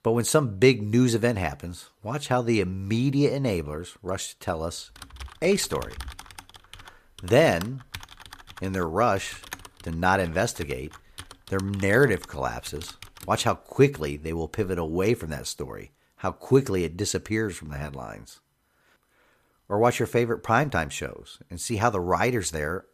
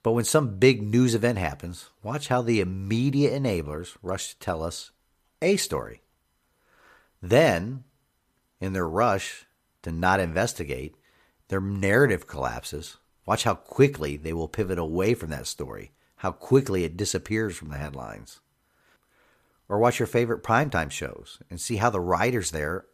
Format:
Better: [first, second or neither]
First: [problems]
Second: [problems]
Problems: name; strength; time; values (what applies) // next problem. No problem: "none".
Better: second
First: keyboard typing; faint; from 5 to 13 s; peak 15 dB below the speech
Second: none